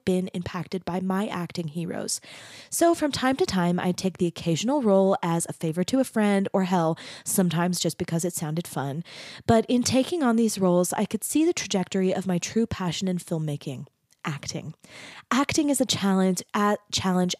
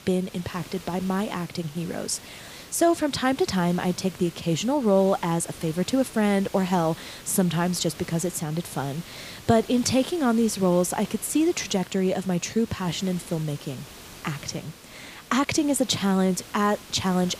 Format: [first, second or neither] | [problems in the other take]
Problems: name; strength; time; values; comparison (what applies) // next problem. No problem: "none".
first | hiss; noticeable; throughout; 20 dB below the speech